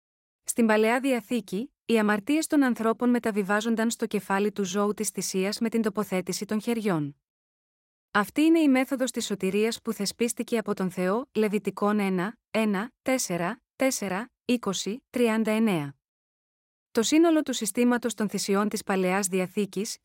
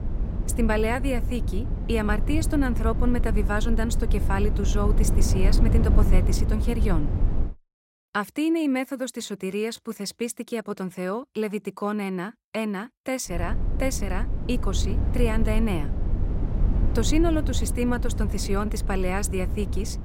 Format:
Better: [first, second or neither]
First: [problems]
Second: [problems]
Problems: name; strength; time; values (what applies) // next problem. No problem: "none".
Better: first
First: none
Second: low rumble; loud; until 7.5 s and from 13 s on; 9 dB below the speech